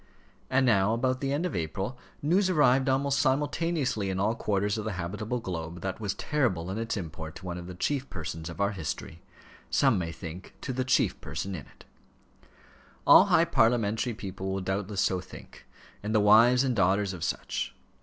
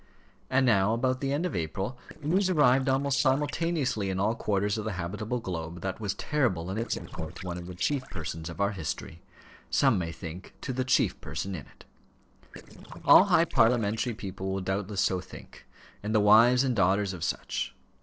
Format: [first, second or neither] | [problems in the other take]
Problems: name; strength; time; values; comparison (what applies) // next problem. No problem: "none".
first | noise reduction (neural separator model SepFormer DNS4)